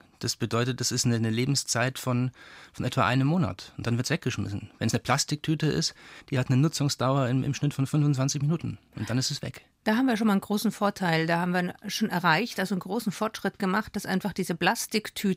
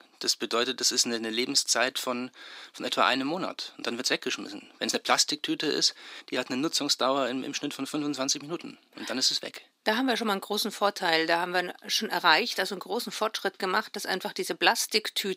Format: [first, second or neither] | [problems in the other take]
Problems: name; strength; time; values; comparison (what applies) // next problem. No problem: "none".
first | thin; somewhat; fading below 300 Hz